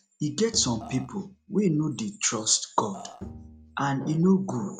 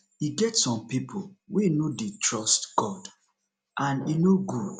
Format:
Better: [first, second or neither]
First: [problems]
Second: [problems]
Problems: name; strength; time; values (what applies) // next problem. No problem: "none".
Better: second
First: background sound (Burping, eructation + Bowed string instrument); 18 dB below the speech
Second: none